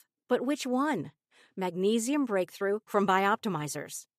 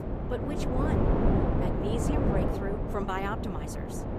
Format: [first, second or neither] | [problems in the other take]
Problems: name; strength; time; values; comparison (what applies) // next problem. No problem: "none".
first | wind noise on the microphone; heavy; 3 dB above the speech